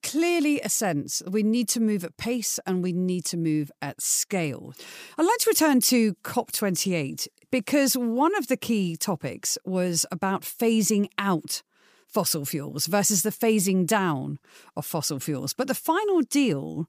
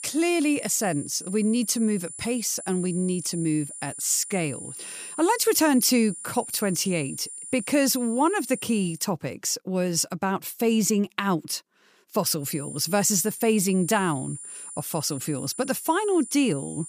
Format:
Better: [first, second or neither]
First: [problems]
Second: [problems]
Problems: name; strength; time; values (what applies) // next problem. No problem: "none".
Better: first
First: none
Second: high-pitched whine; noticeable; until 9 s and from 12 s on; 9.5 kHz, 10 dB below the speech